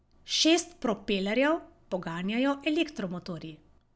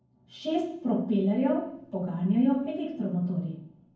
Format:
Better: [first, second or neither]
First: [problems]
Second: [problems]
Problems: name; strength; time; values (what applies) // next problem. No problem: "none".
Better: first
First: none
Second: room echo; dies away in 0.9 s